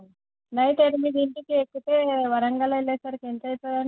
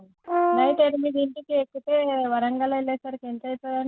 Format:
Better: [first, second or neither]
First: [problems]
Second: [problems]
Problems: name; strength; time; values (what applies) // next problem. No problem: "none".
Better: first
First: none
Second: background sound (Brass instrument); 1 dB below the speech